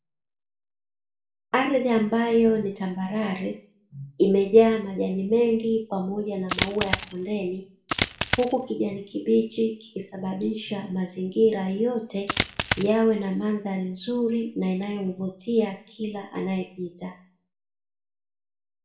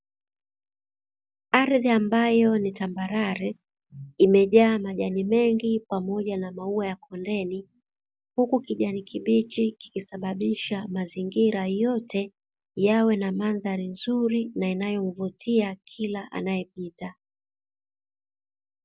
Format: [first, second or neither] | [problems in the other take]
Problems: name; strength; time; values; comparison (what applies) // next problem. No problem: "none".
second | background sound (Coin (dropping)); 3 dB below the speech // room echo; dies away in 0.4 s